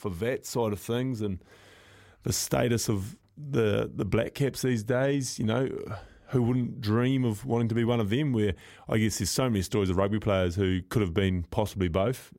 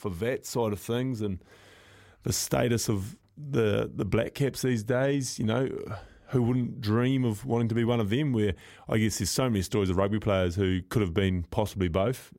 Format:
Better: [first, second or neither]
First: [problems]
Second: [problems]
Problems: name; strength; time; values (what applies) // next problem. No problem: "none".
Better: neither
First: none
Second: none